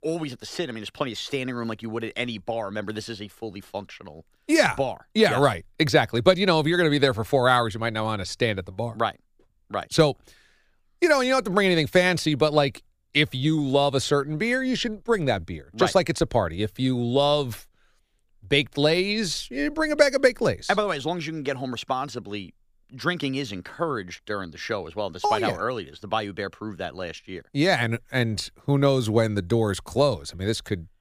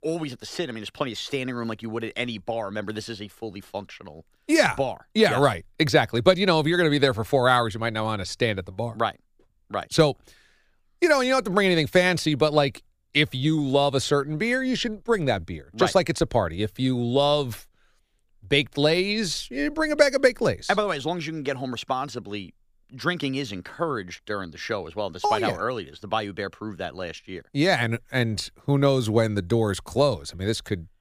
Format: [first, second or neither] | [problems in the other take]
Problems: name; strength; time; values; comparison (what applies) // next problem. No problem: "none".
neither | none